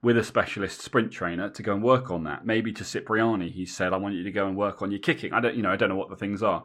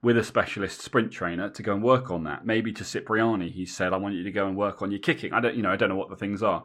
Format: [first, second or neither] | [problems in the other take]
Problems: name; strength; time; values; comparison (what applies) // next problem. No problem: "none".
neither | muffled; slightly; fading above 2 kHz; the same in both